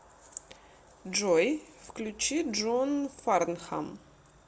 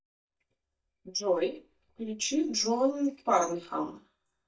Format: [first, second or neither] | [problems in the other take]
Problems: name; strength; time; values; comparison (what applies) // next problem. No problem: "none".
first | noise reduction (neural mask model DeepFilterNet 3)